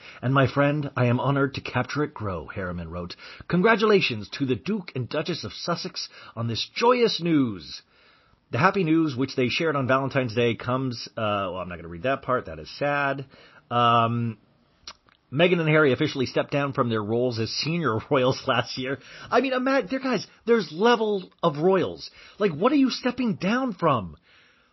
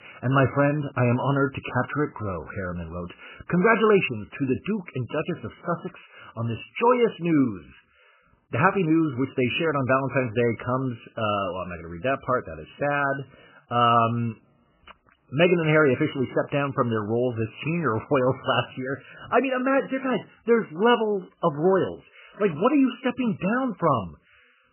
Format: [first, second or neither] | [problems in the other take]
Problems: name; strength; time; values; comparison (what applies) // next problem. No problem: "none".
first | garbled, watery; badly; nothing above 3 kHz; slightly in the first